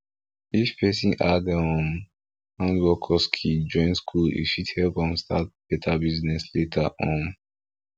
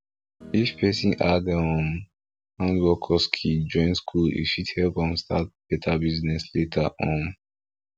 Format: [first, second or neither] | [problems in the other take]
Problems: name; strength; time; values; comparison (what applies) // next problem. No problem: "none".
first | background sound (Guitar); 19 dB below the speech